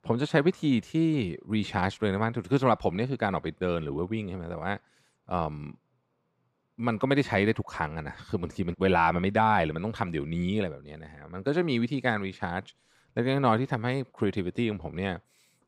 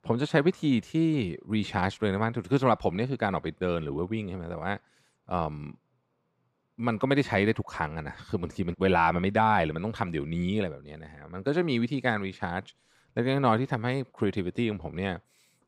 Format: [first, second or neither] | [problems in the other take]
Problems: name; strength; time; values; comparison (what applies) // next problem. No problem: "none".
neither | none